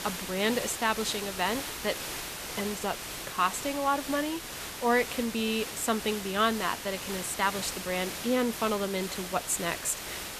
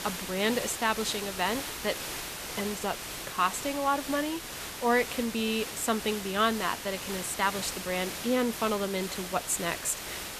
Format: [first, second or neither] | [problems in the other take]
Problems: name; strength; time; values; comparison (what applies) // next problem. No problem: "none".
neither | hiss; loud; throughout; 6 dB below the speech; the same in both